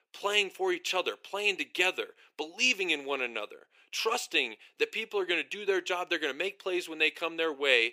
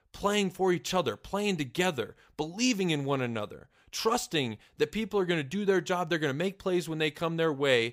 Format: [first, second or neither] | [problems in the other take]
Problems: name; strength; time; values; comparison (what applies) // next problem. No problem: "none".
second | thin; somewhat; fading below 350 Hz